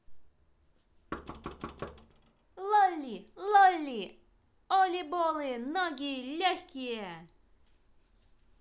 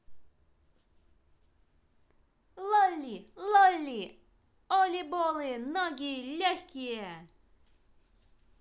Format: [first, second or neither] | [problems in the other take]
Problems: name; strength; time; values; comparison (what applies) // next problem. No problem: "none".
second | background sound (Knock); 14 dB below the speech